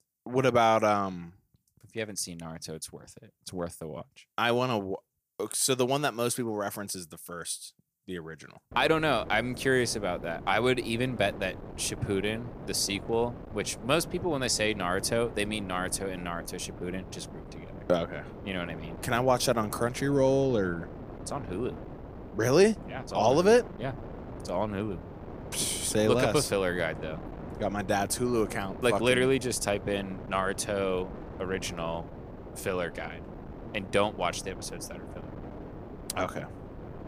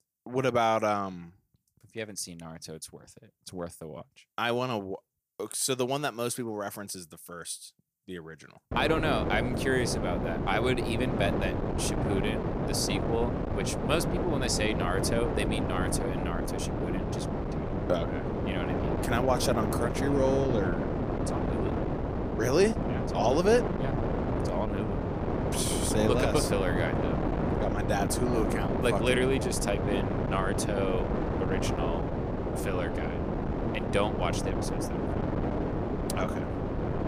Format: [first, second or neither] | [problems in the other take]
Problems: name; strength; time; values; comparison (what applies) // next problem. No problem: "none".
first | wind noise on the microphone; heavy; from 8.5 s on; 3 dB below the speech; occasional gusts in the first